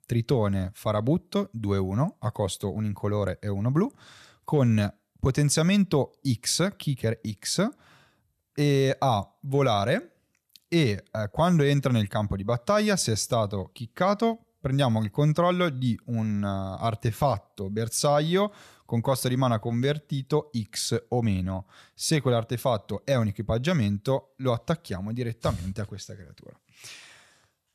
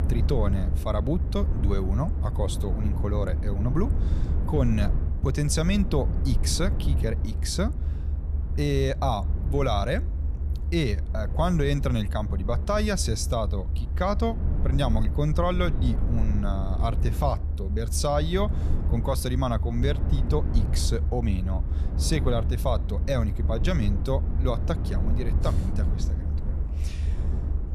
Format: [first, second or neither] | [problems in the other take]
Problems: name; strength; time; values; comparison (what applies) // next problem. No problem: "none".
first | low rumble; noticeable; throughout; 10 dB below the speech